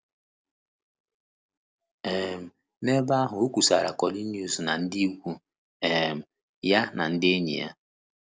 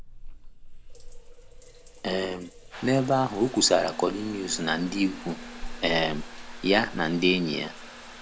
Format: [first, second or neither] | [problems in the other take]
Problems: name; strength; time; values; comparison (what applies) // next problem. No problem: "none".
first | background sound (Trickle, dribble / Bathtub (filling or washing) / Water tap, faucet); 12 dB below the speech